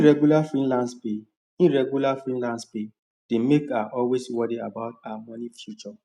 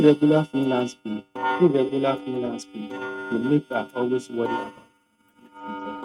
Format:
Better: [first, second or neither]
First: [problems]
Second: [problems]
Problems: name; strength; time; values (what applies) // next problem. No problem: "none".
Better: first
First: none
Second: noise reduction (neural mask model RNNoise)